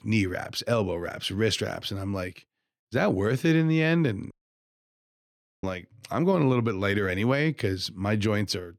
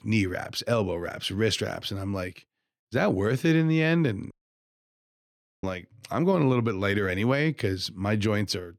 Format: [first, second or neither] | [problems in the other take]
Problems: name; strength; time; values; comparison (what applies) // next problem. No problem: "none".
neither | audio cutting out; at 4.5 s for 1.5 s; the same in both